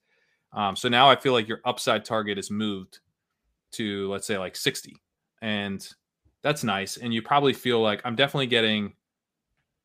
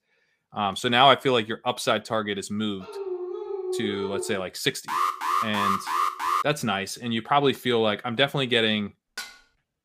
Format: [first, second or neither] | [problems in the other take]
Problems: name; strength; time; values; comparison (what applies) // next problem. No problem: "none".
first | dog barking; noticeable; from 3 to 4.5 s; peak 6 dB below the speech // alarm; noticeable; from 5 to 6.5 s; peak level with the speech // clattering dishes; faint; at 9 s; peak 15 dB below the speech